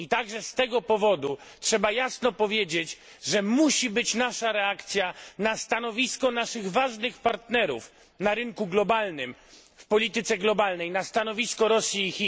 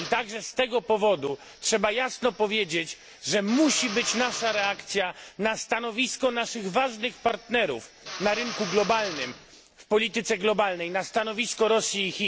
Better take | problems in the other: first | background sound (Drill); 15 dB below the speech

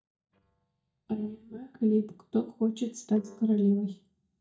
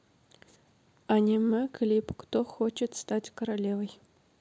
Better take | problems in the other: second | noise reduction (neural mask model DeepFilterNet 3)

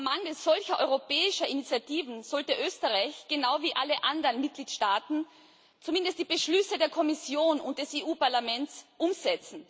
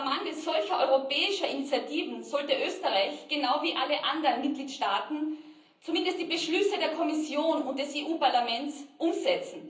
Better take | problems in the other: first | room echo; dies away in 0.6 s

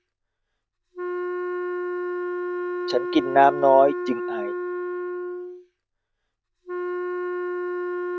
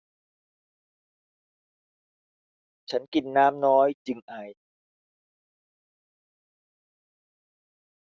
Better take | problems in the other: second | background sound (Wind instrument, woodwind instrument); 3 dB below the speech

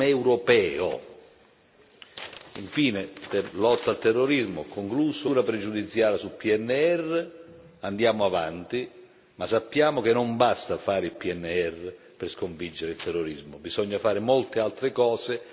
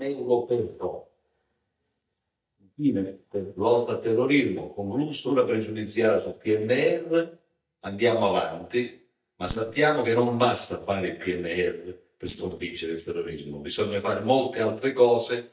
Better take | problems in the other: first | noise reduction (neural mask model DeepFilterNet 3)

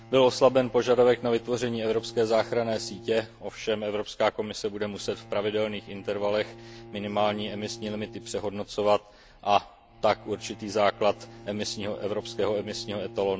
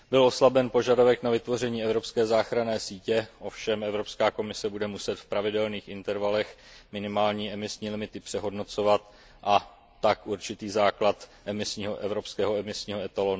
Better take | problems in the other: second | background sound (Bowed string instrument); 19 dB below the speech

